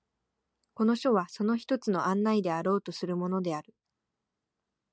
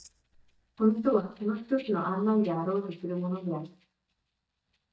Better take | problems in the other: first | noise reduction (neural mask model DeepFilterNet 3)

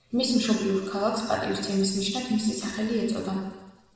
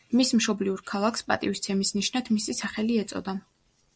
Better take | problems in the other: second | room echo; dies away in 1.2 s

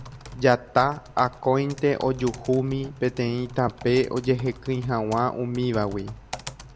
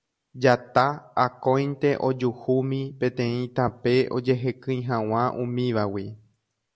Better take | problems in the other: second | background sound (Typing); 17 dB below the speech

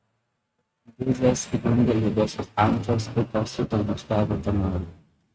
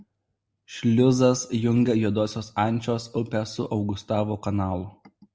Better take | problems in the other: second | noise reduction (neural mask model RNNoise)

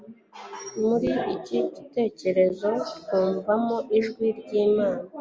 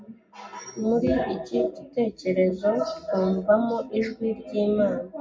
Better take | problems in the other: first | room echo; dies away in 0.4 s

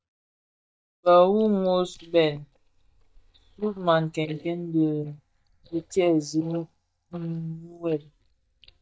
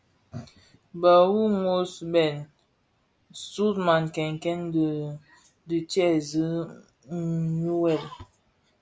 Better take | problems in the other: second | noise reduction (neural mask model DeepFilterNet 3)

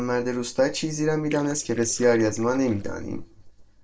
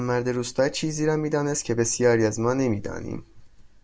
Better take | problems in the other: second | noise reduction (neural separator model SepFormer DNS4)

